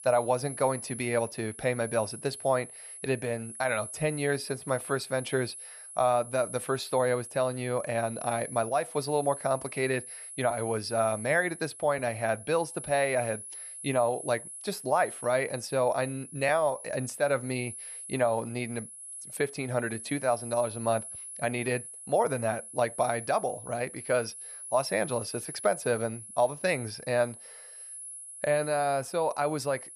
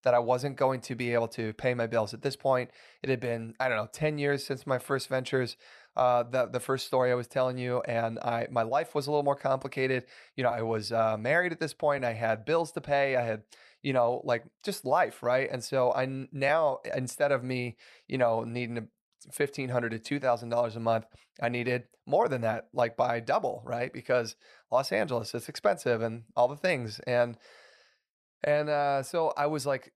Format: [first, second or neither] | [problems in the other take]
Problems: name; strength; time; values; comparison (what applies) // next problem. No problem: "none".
second | high-pitched whine; noticeable; throughout; 10.5 kHz, 10 dB below the speech